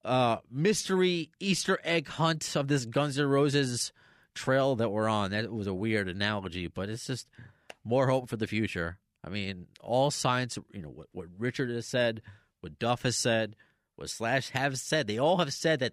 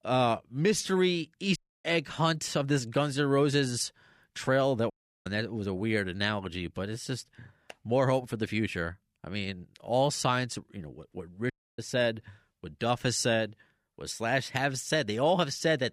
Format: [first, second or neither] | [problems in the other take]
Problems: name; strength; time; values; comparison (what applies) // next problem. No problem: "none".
first | audio cutting out; at 1.5 s, at 5 s and at 12 s